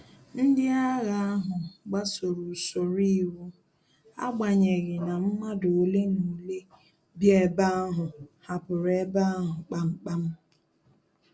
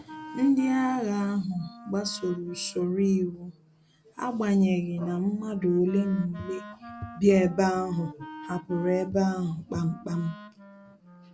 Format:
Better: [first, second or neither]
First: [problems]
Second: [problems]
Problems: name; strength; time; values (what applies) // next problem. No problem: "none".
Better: first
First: none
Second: background sound (Wind instrument, woodwind instrument + Walk, footsteps / Bird vocalization, bird call, bird song); 17 dB below the speech